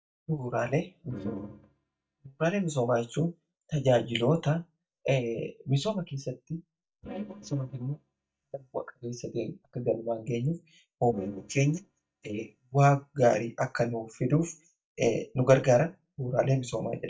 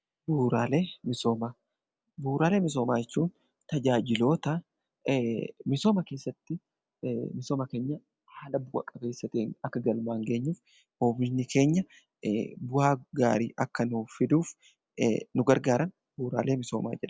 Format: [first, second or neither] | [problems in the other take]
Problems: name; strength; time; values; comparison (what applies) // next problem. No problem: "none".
second | noise reduction (neural mask model DeepFilterNet 3)